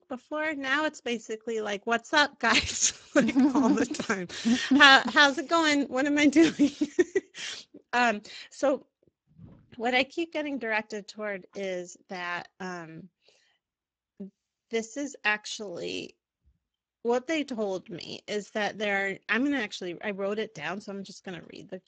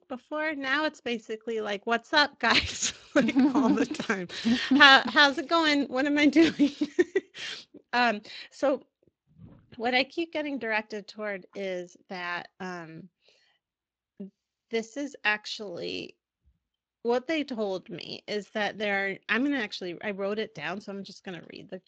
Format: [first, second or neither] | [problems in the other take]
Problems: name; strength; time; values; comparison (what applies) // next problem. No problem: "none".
second | garbled, watery; badly; nothing above 7.5 kHz; slightly in the second